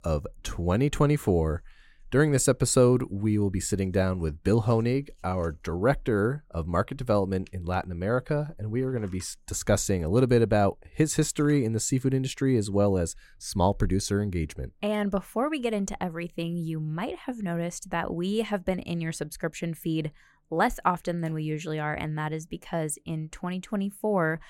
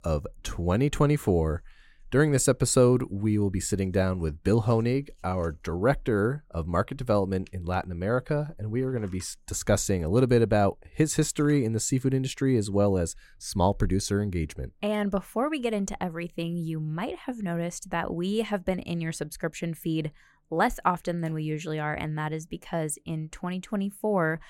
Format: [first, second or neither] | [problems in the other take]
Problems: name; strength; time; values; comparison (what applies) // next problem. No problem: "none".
neither | none